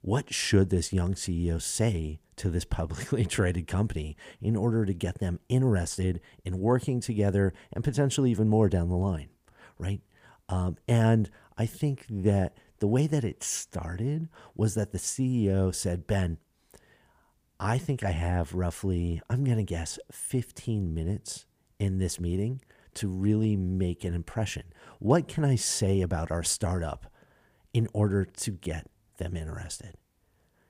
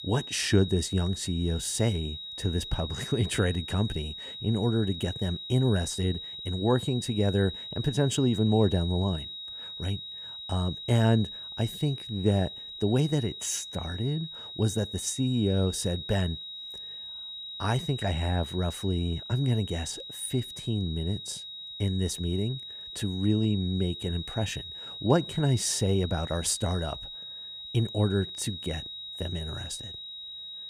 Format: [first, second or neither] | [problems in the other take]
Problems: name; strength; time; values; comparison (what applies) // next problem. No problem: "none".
first | high-pitched whine; loud; throughout; 4 kHz, 9 dB below the speech